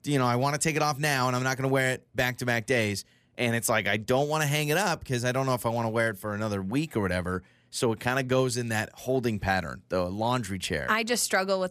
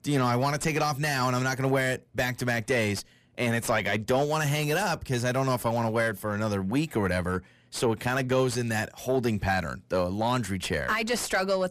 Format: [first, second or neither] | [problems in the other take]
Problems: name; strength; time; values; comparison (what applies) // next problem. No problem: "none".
first | distortion; slight; 10 dB below the speech